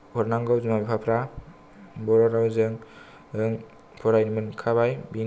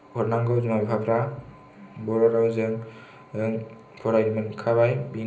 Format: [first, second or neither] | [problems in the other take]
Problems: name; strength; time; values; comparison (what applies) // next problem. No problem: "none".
first | room echo; dies away in 0.5 s